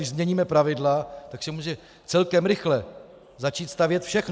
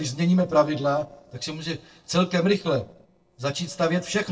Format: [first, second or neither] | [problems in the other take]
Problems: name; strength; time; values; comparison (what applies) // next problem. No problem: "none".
first | noise reduction (neural separator model SepFormer DNS4)